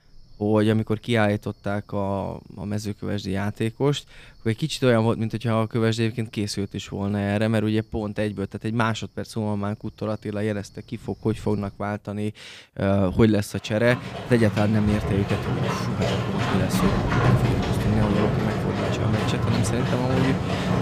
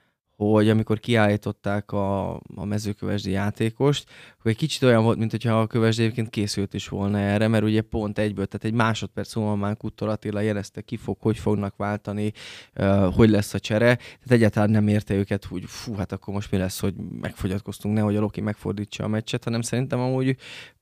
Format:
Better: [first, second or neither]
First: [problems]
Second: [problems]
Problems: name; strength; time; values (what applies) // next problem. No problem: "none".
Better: second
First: animal sounds; very loud; throughout; as loud as the speech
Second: none